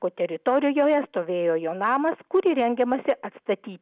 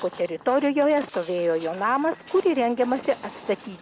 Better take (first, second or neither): first